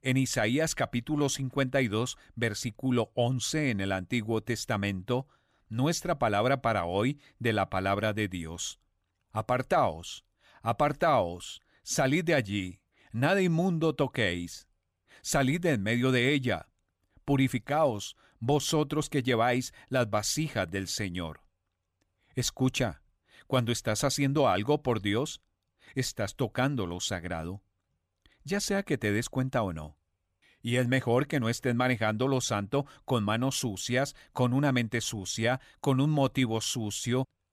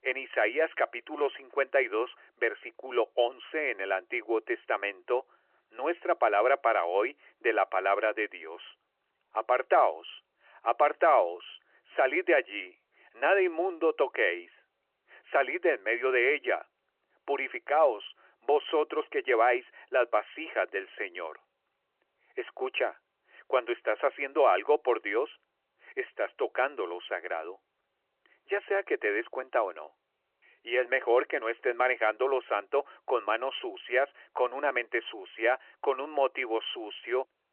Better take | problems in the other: first | phone-call audio

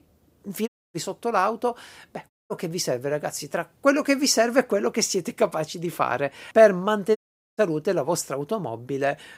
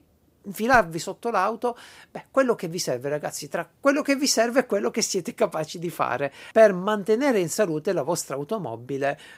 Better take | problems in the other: second | audio cutting out; at 0.5 s, at 2.5 s and at 7 s

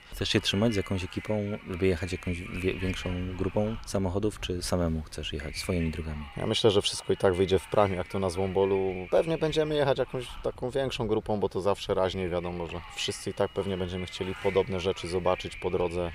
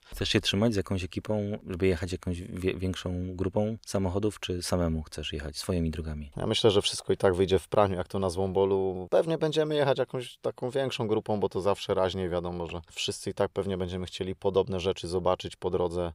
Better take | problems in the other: second | wind noise on the microphone; occasional gusts; 10 dB below the speech

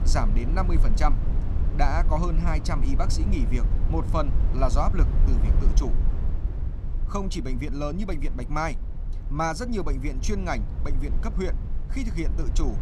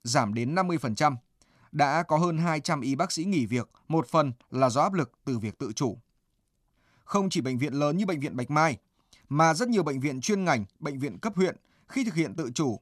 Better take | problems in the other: second | low rumble; noticeable; throughout; 10 dB below the speech

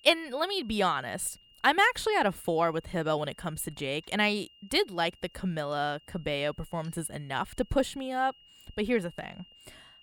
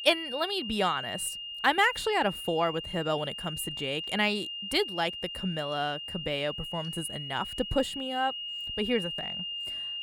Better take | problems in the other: first | high-pitched whine; loud; throughout; 3 kHz, 5 dB below the speech; faint in the first

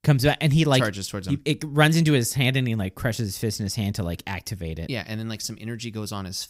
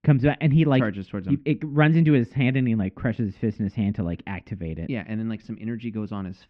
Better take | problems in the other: first | muffled; very; fading above 2.5 kHz

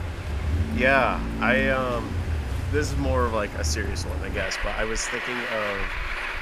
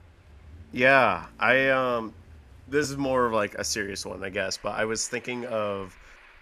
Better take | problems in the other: second | traffic noise; loud; throughout; 3 dB below the speech; faint in the second

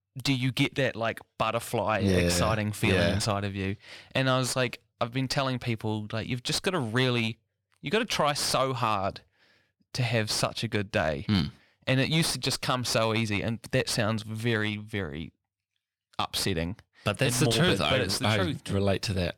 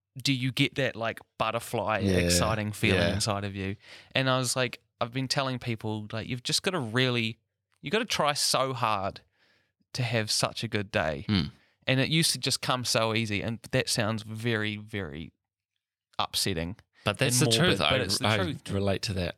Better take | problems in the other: second | distortion; slight; 10 dB below the speech

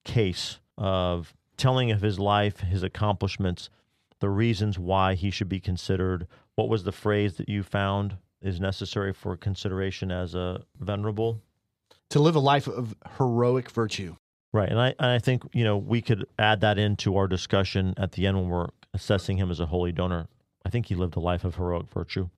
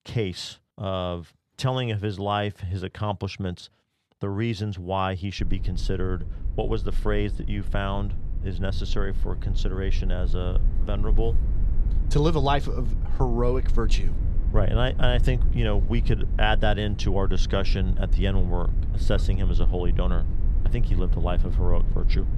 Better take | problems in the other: first | low rumble; noticeable; from 5.5 s on; 15 dB below the speech

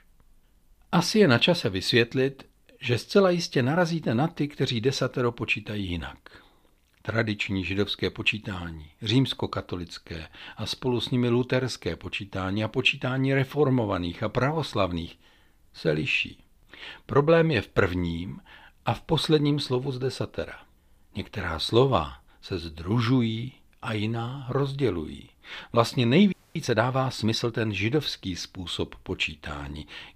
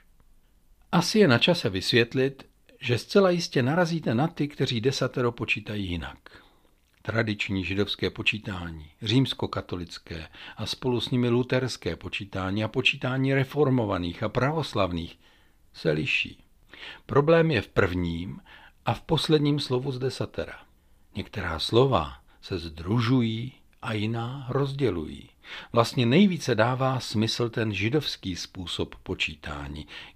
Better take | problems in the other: second | audio freezing; at 26 s

